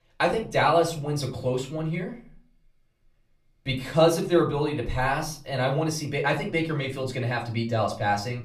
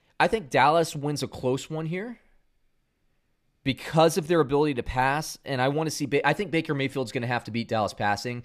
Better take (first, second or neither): second